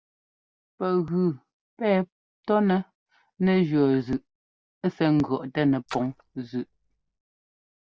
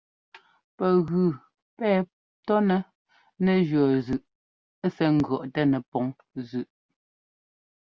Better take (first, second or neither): second